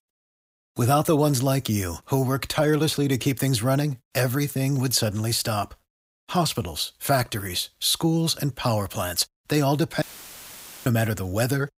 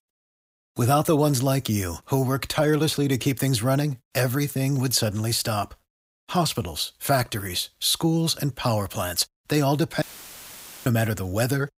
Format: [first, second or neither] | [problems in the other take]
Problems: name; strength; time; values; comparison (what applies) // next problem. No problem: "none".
neither | audio cutting out; filled with static; at 10 s for 1 s; the same in both